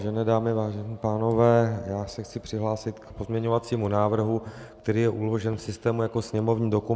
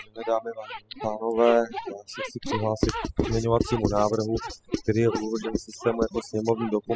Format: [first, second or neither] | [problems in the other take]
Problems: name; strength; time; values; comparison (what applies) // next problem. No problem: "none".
first | noise reduction (classical method spectral subtraction)